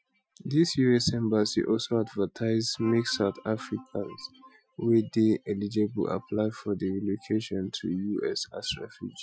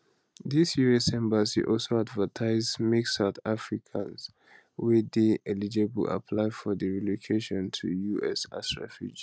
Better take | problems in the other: second | noise reduction (classical method Wiener filter)

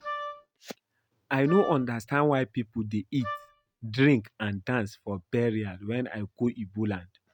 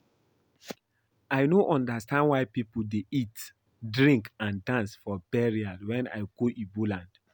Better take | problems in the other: second | noise reduction (neural mask model RNNoise)

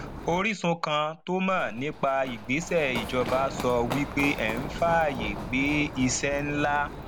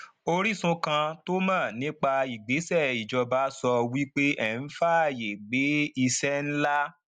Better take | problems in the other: second | background sound (Run); 9 dB below the speech

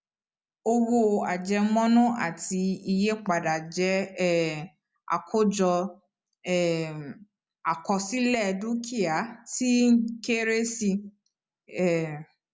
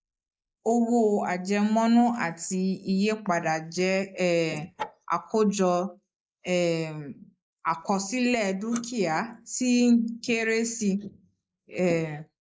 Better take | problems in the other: first | noise reduction (neural mask model Resemble Enhance denoiser)

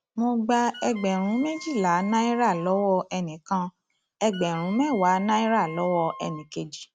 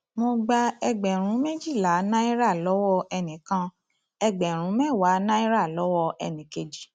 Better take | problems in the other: second | background sound (Wind instrument, woodwind instrument); 17 dB below the speech

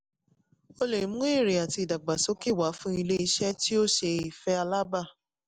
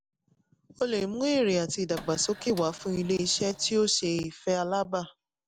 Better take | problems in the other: first | background sound (Printer); 18 dB below the speech

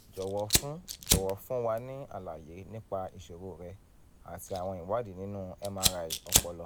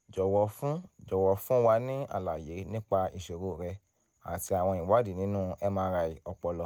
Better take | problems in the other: second | background sound (Fire); 2 dB above the speech

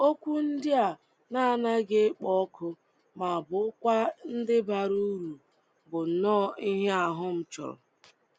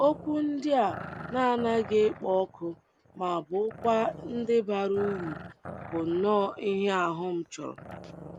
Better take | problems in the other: first | background sound (Growling); 15 dB below the speech

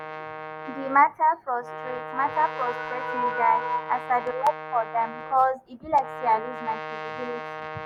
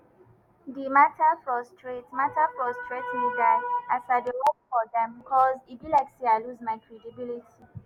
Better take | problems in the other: second | background sound (Brass instrument); 10 dB below the speech

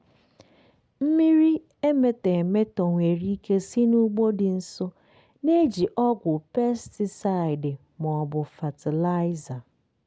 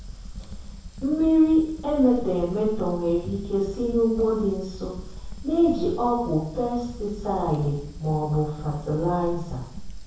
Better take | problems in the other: first | background sound (Fire); 12 dB below the speech // room echo; dies away in 0.7 s

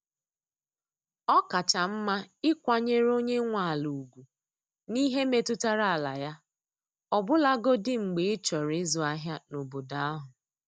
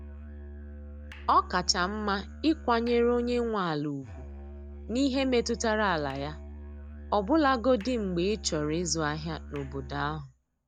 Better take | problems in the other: first | background sound (Musical instrument); 13 dB below the speech

